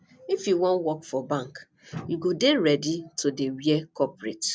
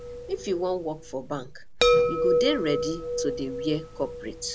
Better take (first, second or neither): first